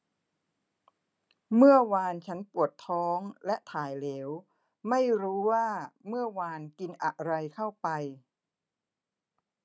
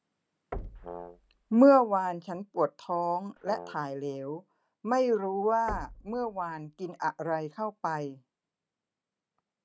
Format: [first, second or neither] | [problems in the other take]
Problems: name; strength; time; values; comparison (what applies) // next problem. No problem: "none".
first | background sound (Knock + Brass instrument); 16 dB below the speech